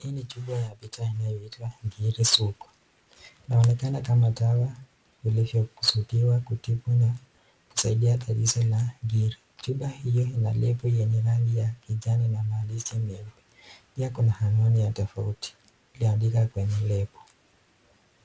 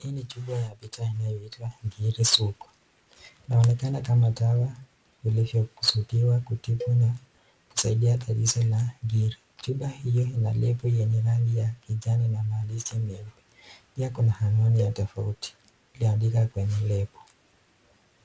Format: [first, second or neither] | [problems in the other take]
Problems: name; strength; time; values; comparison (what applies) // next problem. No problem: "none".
first | background sound (Cowbell); 18 dB below the speech